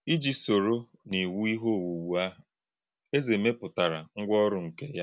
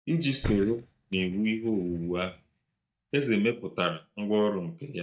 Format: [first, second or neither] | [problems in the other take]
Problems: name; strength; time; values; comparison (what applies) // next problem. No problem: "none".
first | noise reduction (neural mask model DeepFilterNet 3)